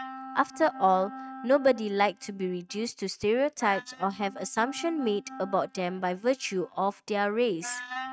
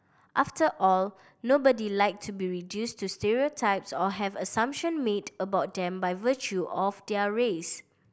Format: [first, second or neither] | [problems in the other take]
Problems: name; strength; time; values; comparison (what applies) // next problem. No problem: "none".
second | noise reduction (neural mask model RNNoise)